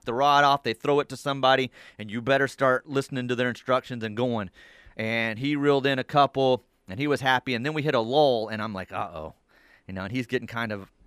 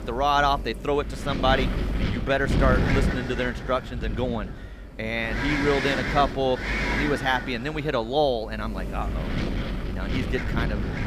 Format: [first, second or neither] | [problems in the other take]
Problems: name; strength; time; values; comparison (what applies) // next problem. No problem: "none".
first | wind noise on the microphone; heavy; 5 dB below the speech